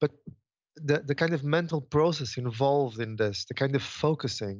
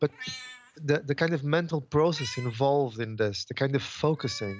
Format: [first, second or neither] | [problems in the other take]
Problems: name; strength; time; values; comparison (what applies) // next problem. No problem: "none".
first | background sound (Meow); 19 dB below the speech